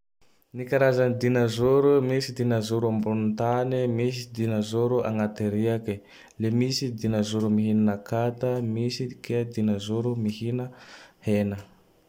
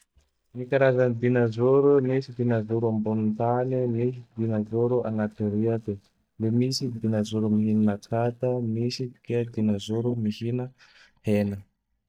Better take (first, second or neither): first